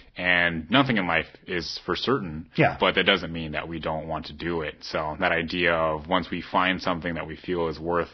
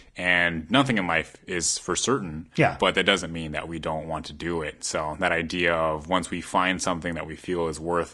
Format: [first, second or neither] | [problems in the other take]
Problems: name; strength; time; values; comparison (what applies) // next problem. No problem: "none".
second | garbled, watery; badly; nothing above 5.5 kHz; slightly in the second